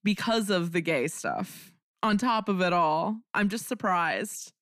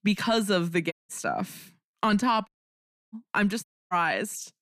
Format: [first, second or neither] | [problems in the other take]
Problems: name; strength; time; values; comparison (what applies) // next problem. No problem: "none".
first | audio cutting out; at 1 s, at 2.5 s for 0.5 s and at 3.5 s